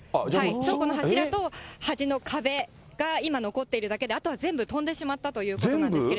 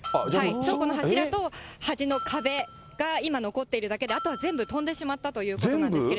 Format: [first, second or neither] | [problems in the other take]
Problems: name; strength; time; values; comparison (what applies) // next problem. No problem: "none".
first | background sound (Bell); 14 dB below the speech